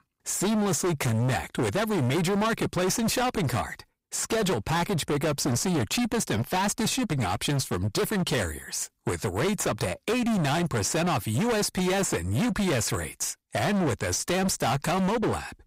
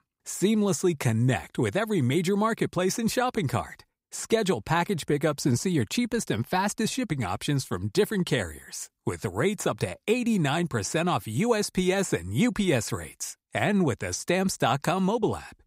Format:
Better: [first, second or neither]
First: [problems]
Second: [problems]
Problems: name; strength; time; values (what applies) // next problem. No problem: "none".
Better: second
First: distortion; heavy; 32% of the sound clipped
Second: none